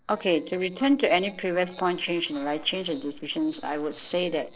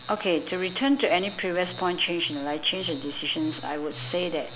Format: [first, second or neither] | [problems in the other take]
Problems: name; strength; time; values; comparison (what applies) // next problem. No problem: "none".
second | noise reduction (neural separator model SepFormer DNS4)